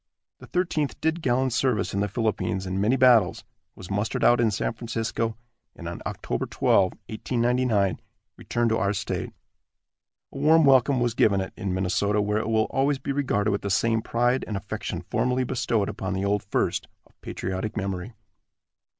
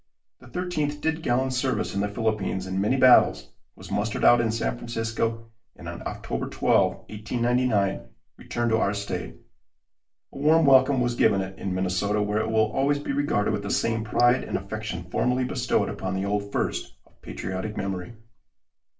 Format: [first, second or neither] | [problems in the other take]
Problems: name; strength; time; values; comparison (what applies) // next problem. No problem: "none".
first | background sound (Bathtub (filling or washing)); 12 dB below the speech // room echo; dies away in 0.3 s